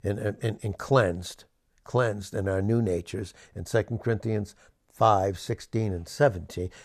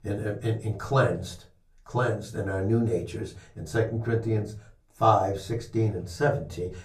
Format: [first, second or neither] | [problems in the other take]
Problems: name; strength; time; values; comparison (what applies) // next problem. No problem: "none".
first | off-mic speech; far // room echo; very slight; dies away in 0.3 s